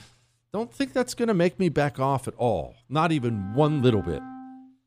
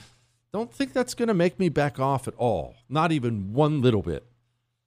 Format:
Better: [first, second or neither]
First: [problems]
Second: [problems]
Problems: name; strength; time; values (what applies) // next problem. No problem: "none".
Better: second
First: background music; noticeable; from 3.5 s on; 15 dB below the speech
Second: none